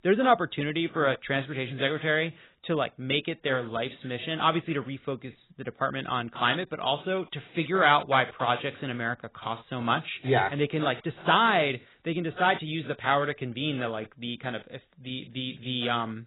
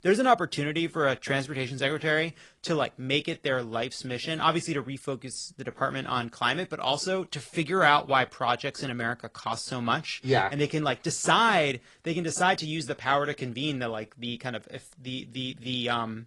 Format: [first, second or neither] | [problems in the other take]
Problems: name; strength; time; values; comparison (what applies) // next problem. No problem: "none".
second | garbled, watery; badly; nothing above 4 kHz; slightly in the second